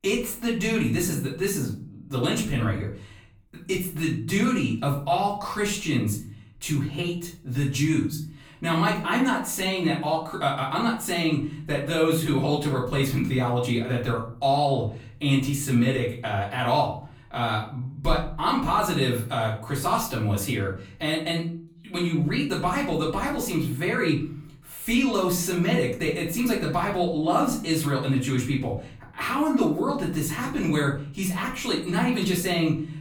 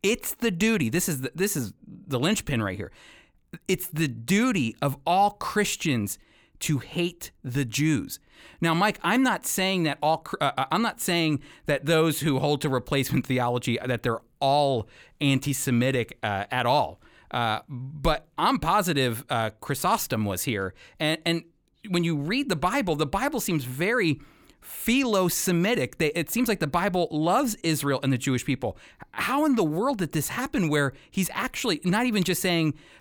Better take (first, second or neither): second